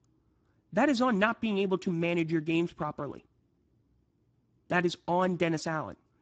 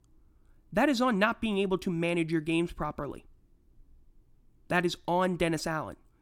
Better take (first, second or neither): second